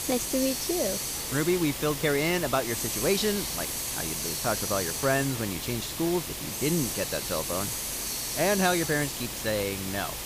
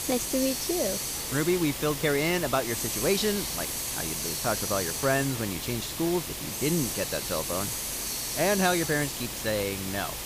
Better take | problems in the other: neither | hiss; loud; throughout; 2 dB below the speech; the same in both

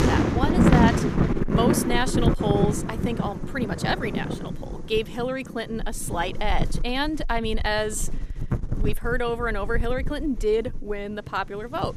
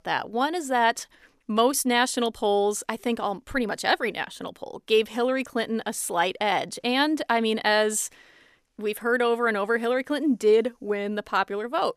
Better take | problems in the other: second | wind noise on the microphone; heavy; 2 dB below the speech

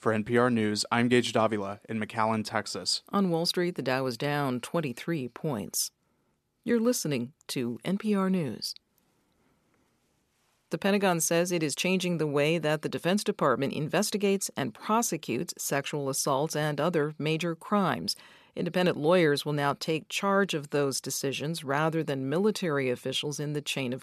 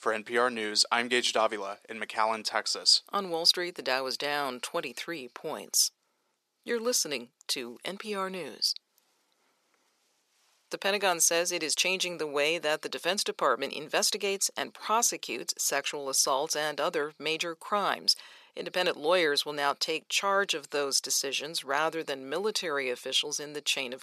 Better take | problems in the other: first | thin; somewhat; fading below 500 Hz

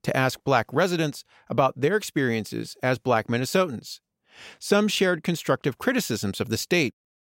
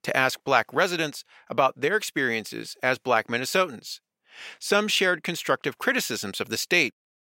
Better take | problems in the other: first | thin; somewhat; fading below 900 Hz

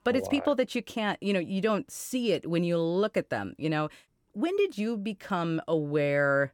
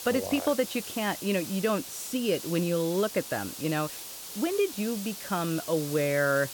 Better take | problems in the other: first | hiss; loud; throughout; 9 dB below the speech

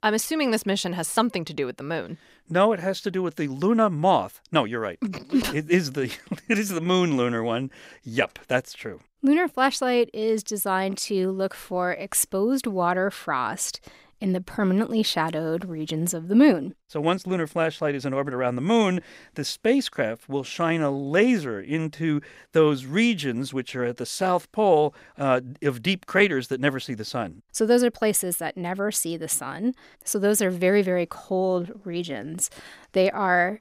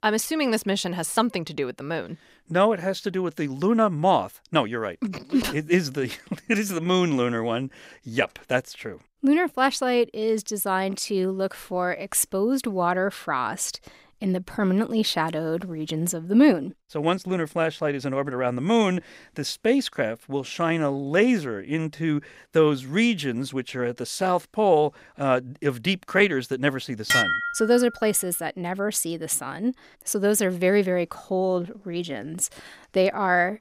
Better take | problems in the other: first | clattering dishes; loud; at 27 s; peak 4 dB above the speech

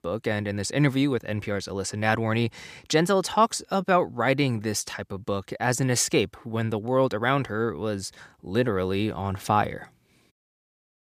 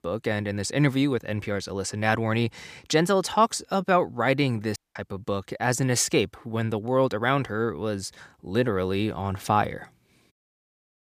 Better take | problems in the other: first | audio cutting out; at 5 s

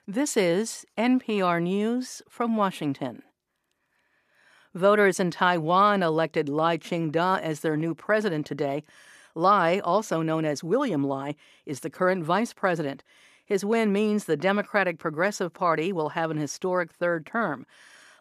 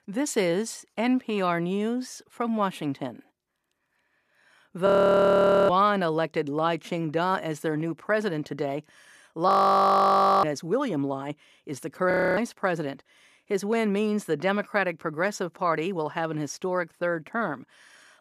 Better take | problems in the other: first | audio freezing; at 5 s for 1 s, at 9.5 s for 1 s and at 12 s

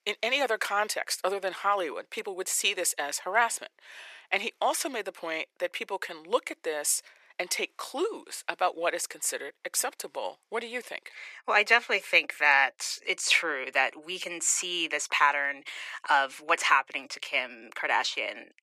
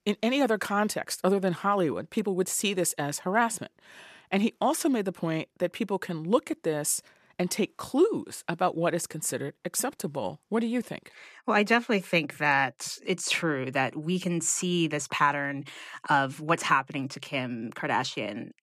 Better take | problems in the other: second | thin; very; fading below 500 Hz

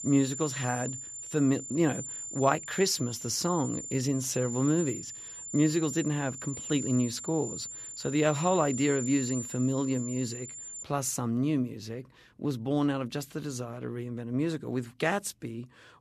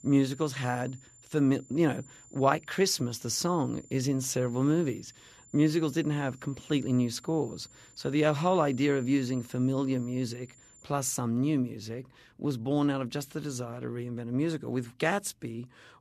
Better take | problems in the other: second | high-pitched whine; loud; until 11 s; 7 kHz, 7 dB below the speech; faint in the second

